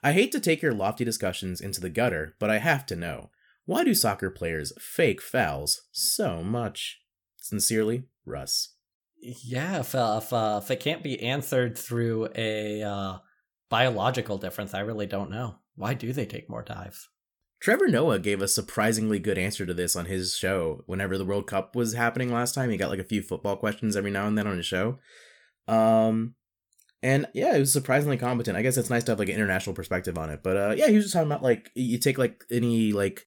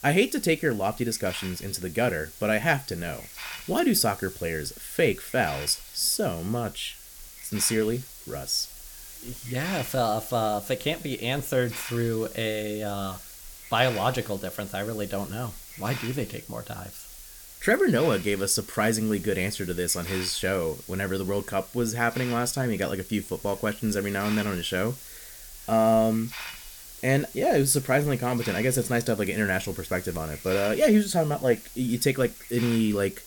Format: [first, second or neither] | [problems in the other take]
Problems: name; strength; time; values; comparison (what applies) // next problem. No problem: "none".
first | hiss; noticeable; throughout; 15 dB below the speech